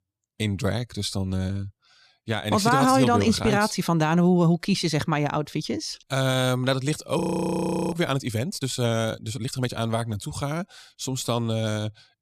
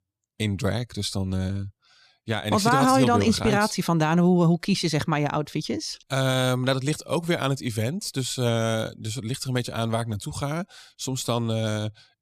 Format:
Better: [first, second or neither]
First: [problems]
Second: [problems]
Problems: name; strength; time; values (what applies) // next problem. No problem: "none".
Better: second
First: audio freezing; at 7 s for 0.5 s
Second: none